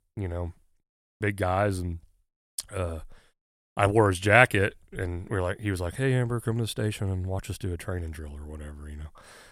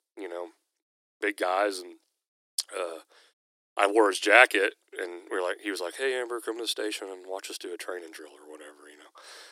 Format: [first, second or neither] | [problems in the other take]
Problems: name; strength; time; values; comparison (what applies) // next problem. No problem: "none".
first | thin; very; fading below 300 Hz